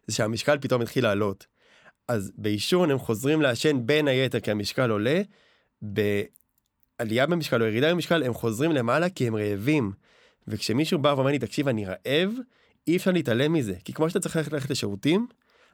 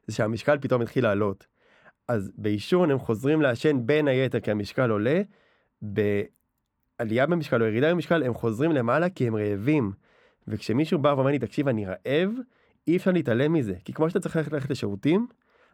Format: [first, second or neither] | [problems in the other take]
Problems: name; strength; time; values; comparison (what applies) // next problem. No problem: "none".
first | muffled; slightly; fading above 3 kHz